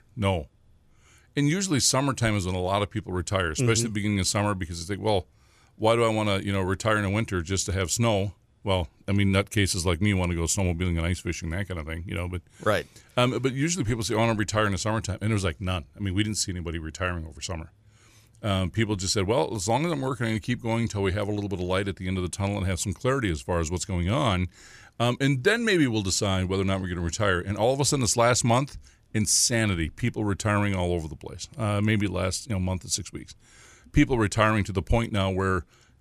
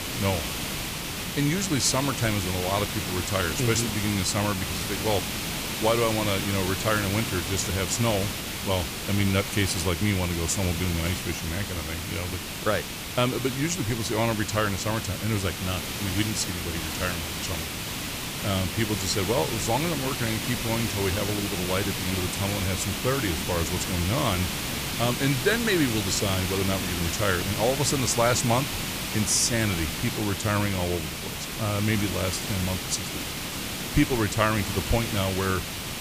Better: first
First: none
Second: hiss; loud; throughout; 3 dB below the speech

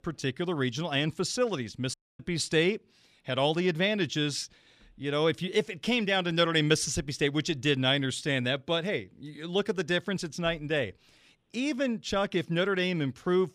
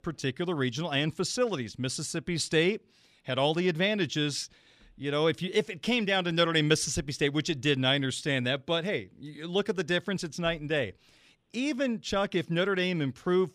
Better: second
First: audio cutting out; at 2 s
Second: none

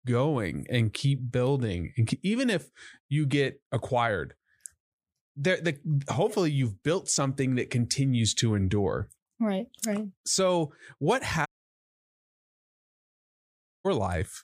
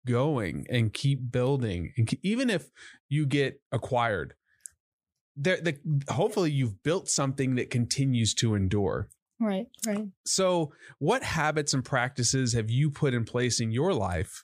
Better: second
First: audio cutting out; at 11 s for 2.5 s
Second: none

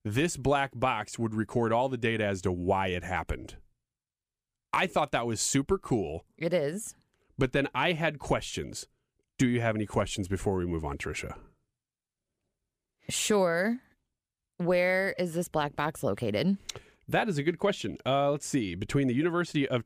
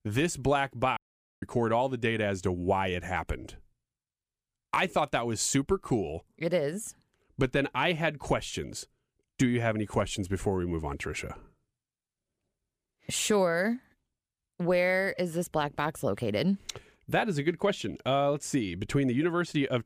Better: first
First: none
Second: audio cutting out; at 1 s

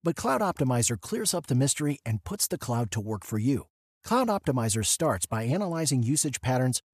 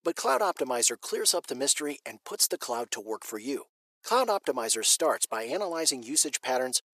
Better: first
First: none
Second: thin; very; fading below 400 Hz

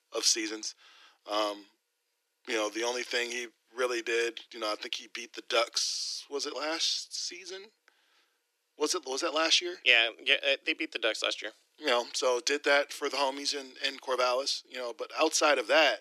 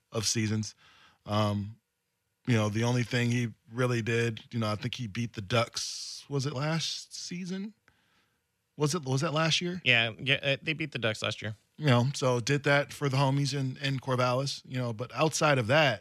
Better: second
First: thin; very; fading below 300 Hz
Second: none

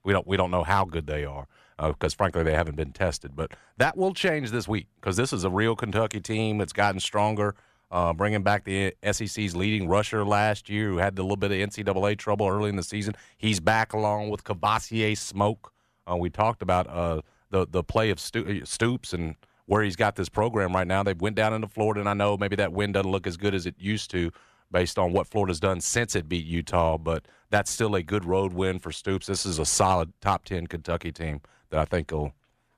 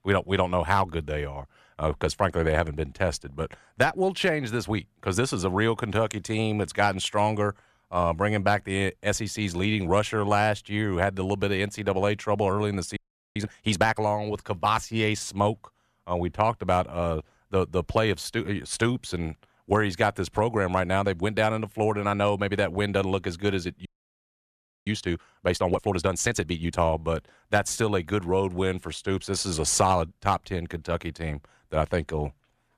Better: first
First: none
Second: audio freezing; at 13 s and at 24 s for 1 s

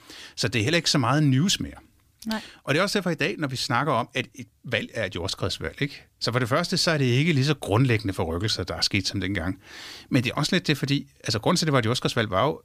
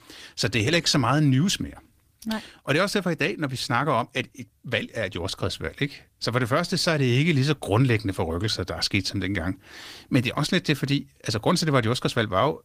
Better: first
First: none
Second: garbled, watery; slightly; nothing above 15 kHz

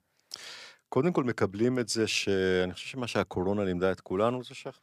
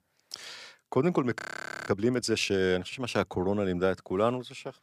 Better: first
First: none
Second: audio freezing; at 1.5 s

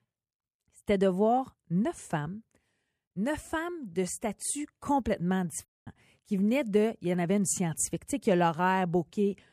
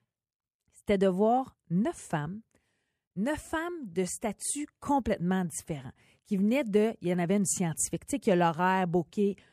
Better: second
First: audio cutting out; at 5.5 s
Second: none

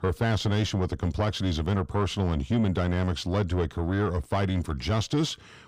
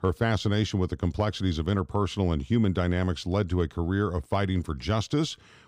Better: second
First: distortion; slight; 9 dB below the speech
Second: none

